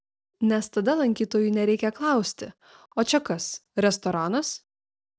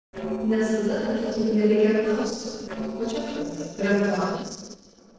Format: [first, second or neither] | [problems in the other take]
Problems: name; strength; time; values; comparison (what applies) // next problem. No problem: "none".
first | noise reduction (neural separator model SepFormer DNS4)